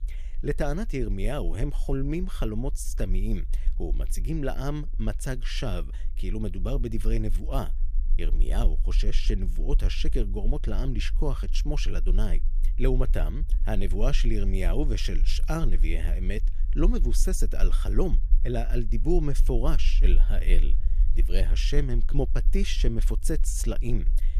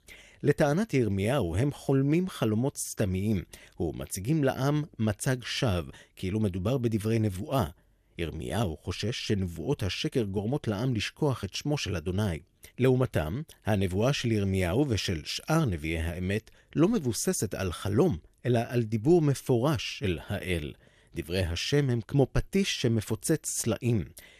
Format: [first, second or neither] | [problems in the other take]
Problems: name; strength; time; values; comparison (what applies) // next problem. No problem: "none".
second | low rumble; noticeable; throughout; 20 dB below the speech